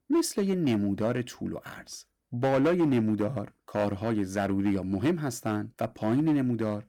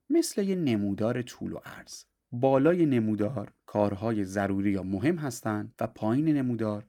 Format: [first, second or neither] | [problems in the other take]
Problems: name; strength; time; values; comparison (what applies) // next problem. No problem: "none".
second | distortion; slight; 6% of the sound clipped